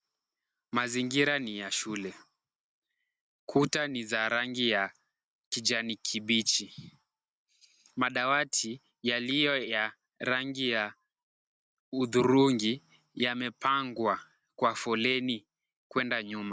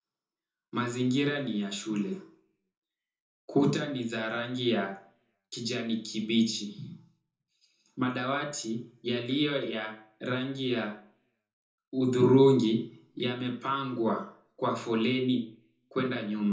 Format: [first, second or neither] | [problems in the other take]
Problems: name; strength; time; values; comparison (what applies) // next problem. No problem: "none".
first | room echo; dies away in 0.5 s